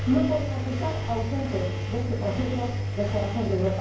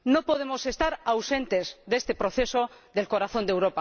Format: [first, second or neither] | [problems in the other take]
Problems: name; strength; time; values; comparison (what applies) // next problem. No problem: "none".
second | background sound (Engine); 1 dB below the speech // room echo; dies away in 0.9 s